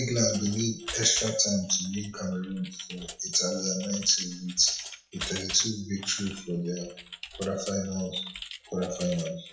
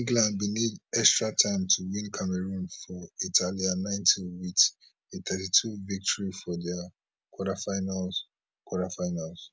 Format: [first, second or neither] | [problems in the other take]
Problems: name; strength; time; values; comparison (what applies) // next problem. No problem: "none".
second | noise reduction (classical method WPE with log-MMSE)